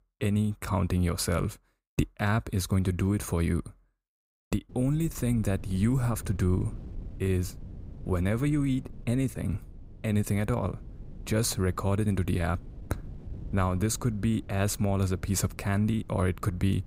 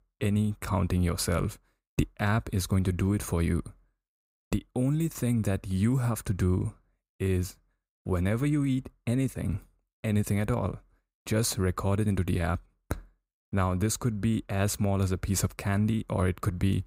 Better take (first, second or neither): second